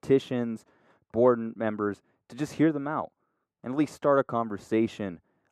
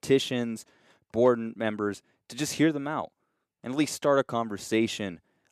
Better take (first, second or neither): second